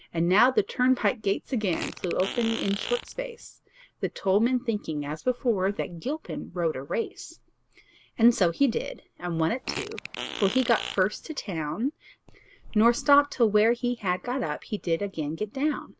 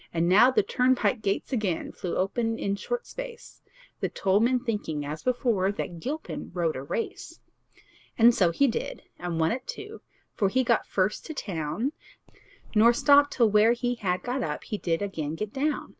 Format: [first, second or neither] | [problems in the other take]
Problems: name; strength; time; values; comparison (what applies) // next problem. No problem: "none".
second | background sound (Fart); 10 dB below the speech